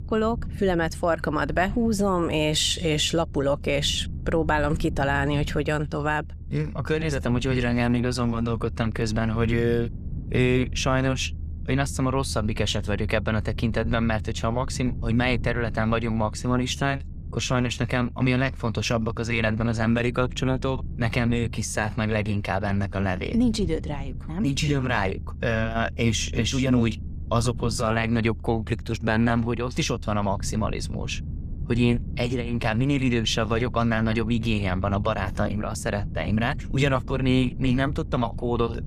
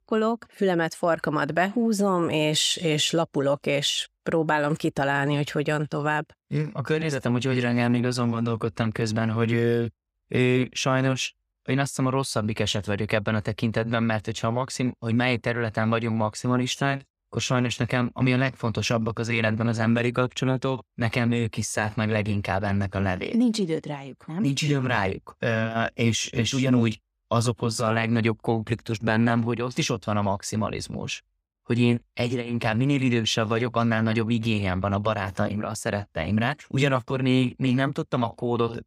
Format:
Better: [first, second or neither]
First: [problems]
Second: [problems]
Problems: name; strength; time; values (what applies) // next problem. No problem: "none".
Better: second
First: low rumble; faint; throughout; 20 dB below the speech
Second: none